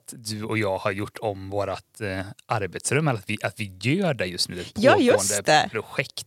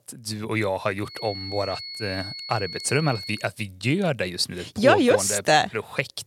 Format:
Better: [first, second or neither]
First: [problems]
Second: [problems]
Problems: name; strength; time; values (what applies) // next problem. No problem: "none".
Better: first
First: none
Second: high-pitched whine; loud; from 1 to 3.5 s; 4.5 kHz, 10 dB below the speech